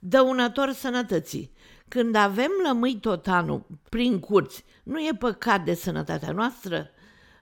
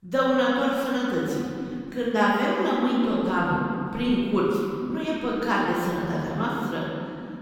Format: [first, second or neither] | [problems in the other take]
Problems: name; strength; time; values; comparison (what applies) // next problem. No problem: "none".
first | room echo; strong; dies away in 2.3 s // off-mic speech; far